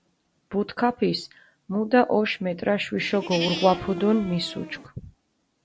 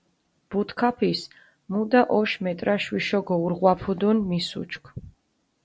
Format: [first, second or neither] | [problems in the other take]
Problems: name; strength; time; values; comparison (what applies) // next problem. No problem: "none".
second | background sound (Livestock, farm animals, working animals); 9 dB below the speech